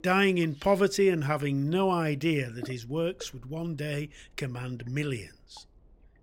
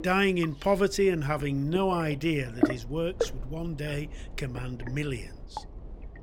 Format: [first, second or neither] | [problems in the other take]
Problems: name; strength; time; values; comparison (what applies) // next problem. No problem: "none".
first | low rumble; loud; throughout; 7 dB below the speech; faint in the first